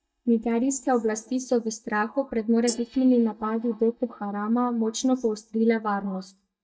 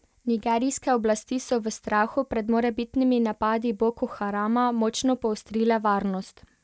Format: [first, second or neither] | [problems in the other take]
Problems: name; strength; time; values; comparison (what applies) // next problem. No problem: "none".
second | noise reduction (neural mask model DeepFilterNet 3)